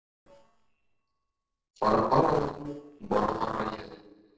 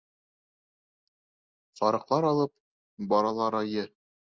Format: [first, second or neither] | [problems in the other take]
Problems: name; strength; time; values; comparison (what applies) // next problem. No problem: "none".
second | noise reduction (neural separator model SepFormer DNS4)